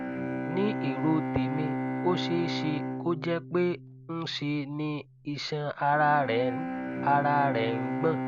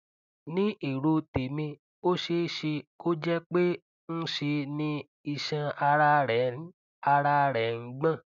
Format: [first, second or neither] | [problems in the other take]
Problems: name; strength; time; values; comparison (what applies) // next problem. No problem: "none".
second | background sound (Bowed string instrument); 4 dB below the speech